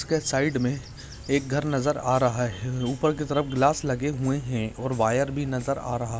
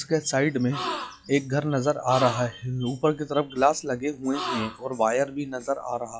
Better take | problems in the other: first | noise reduction (classical method log-MMSE)

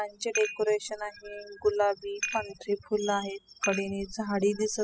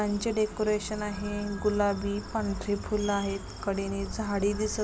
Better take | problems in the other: second | noise reduction (classical method spectral subtraction)

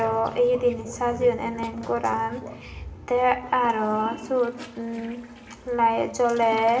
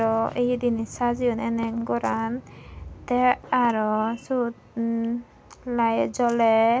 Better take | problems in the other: second | background sound (Toilet flush); 18 dB below the speech // room echo; dies away in 2.6 s

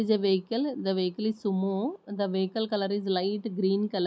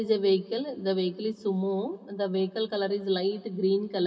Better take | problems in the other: first | room echo; dies away in 2.9 s

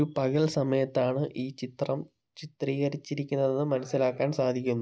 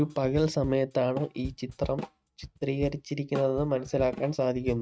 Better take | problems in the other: first | noise reduction (neural mask model RNNoise)

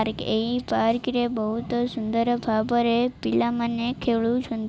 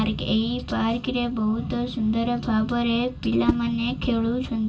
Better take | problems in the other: first | background sound (Whoosh, swoosh, swish); 10 dB below the speech // room echo; dies away in 0.1 s

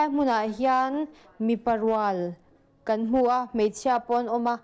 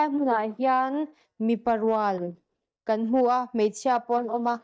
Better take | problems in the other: first | noise reduction (neural mask model DeepFilterNet 3)

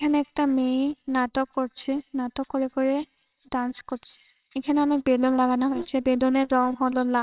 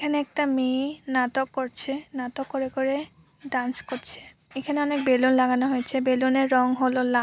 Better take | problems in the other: second | noise reduction (neural separator model SepFormer WHAMR!)

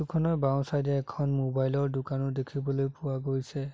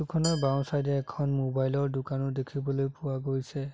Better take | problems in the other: first | background sound (Glass); 18 dB below the speech

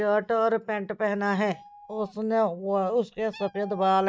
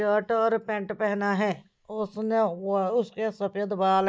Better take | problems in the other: second | noise reduction (neural mask model RNNoise)

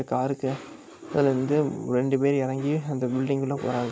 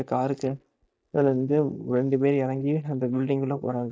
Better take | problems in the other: first | noise reduction (neural mask model DeepFilterNet 3)

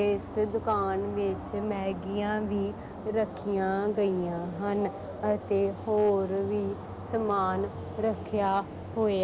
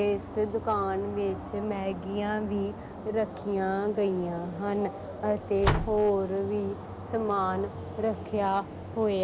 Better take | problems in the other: first | background sound (Slam); 5 dB below the speech

